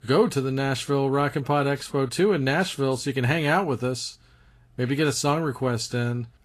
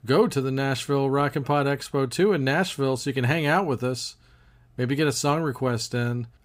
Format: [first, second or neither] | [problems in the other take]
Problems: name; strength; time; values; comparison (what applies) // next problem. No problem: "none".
second | garbled, watery; slightly; nothing above 14 kHz